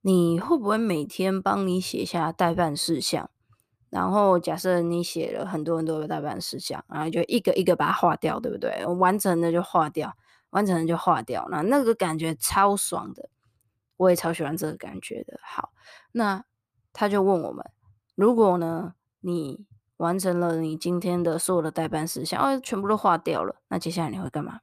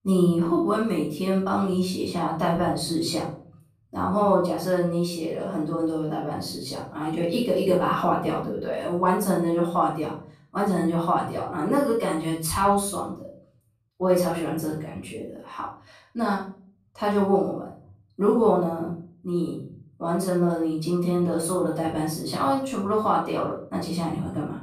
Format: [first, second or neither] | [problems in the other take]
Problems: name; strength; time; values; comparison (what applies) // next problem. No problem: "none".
first | off-mic speech; far // room echo; noticeable; dies away in 0.5 s